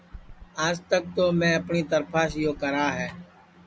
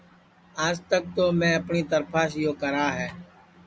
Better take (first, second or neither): second